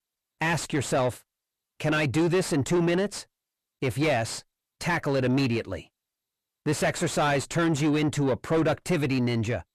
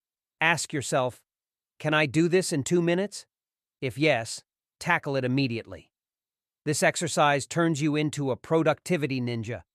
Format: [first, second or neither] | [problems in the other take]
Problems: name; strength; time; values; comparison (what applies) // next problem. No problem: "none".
second | distortion; heavy; 5 dB below the speech